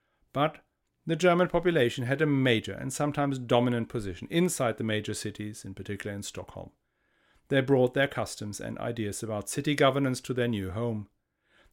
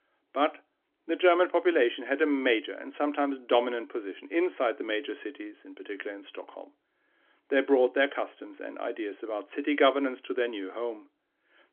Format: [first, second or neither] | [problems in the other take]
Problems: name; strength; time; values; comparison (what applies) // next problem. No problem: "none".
first | phone-call audio; nothing above 3.5 kHz